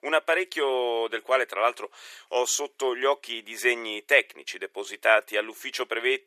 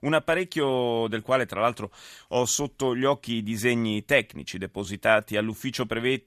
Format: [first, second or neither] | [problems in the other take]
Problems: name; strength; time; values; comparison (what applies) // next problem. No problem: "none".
second | thin; very; fading below 350 Hz